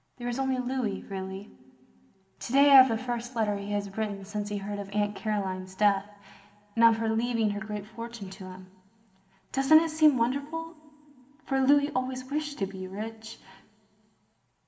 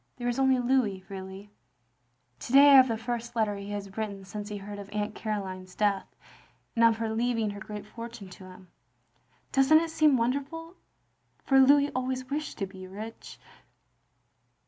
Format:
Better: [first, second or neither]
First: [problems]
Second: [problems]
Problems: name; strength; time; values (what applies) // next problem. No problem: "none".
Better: second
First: room echo; dies away in 2.9 s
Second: none